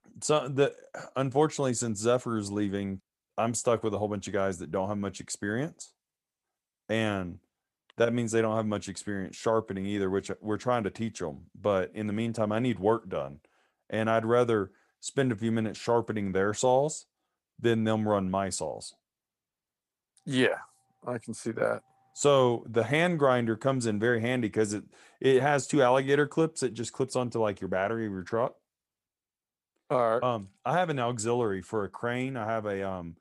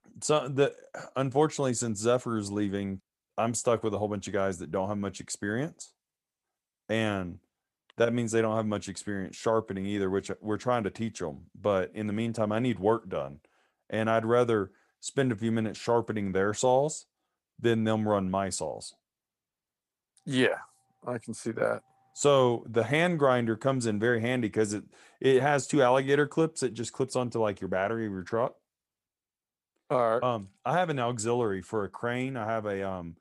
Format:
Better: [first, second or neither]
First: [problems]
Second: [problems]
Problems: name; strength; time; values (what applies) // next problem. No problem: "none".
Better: neither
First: none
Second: none